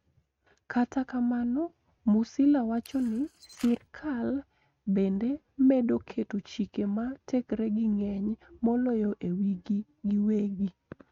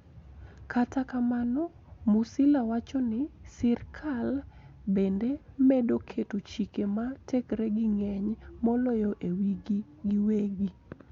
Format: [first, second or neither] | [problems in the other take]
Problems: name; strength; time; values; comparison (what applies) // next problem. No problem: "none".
second | noise reduction (neural mask model RNNoise)